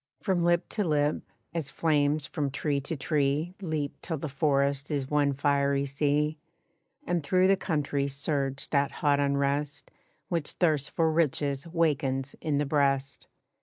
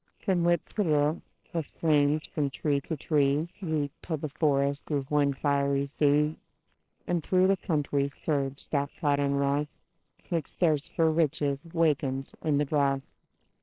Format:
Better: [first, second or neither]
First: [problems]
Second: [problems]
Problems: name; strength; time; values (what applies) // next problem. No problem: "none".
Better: first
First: none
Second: noise reduction (neural separator model SepFormer WHAMR!)